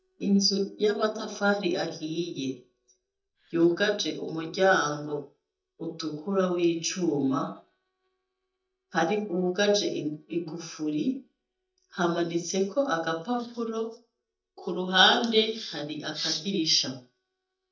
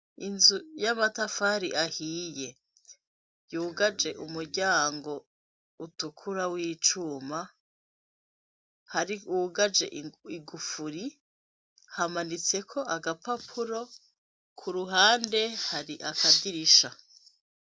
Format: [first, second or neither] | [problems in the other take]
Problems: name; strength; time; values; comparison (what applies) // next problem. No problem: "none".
second | noise reduction (neural mask model DeepFilterNet 3)